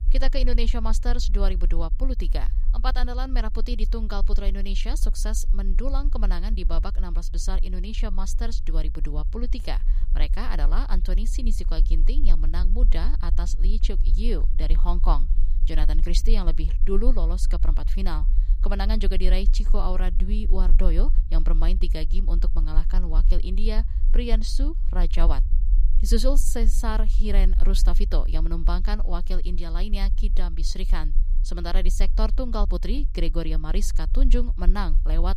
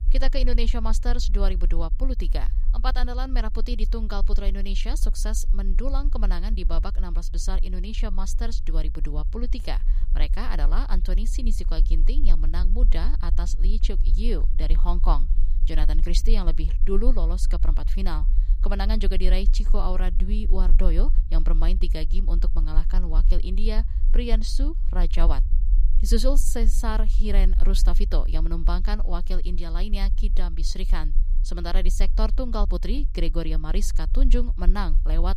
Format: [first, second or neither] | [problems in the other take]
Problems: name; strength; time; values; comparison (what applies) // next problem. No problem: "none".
neither | low rumble; noticeable; throughout; 15 dB below the speech; the same in both